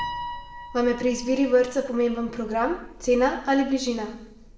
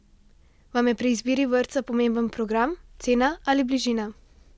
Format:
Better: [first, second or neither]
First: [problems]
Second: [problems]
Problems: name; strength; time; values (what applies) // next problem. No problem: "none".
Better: second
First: background sound (Piano); 15 dB below the speech // room echo; dies away in 0.7 s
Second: none